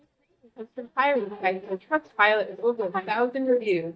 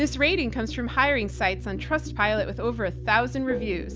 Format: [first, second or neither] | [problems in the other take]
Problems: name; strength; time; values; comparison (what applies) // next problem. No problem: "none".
second | noise reduction (neural mask model DeepFilterNet 3)